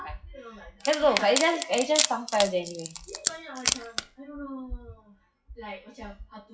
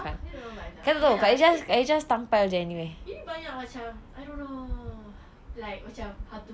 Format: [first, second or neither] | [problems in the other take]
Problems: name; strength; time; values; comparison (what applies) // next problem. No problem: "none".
second | noise reduction (classical method WPE with log-MMSE)